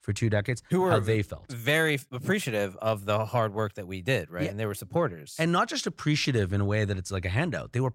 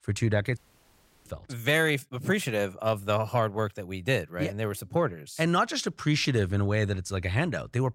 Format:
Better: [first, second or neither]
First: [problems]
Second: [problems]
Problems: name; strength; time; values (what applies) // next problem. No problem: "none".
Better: first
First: none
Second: audio cutting out; at 0.5 s for 0.5 s